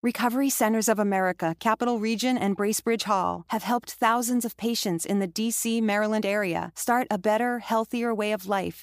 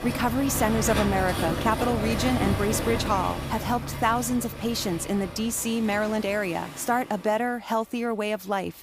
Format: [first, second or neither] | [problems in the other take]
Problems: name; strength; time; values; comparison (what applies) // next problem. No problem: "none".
first | rain or running water; loud; throughout; 5 dB below the speech